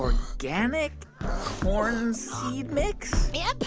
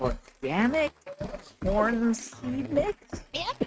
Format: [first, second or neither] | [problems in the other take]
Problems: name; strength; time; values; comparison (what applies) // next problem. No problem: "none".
first | noise reduction (neural mask model RNNoise)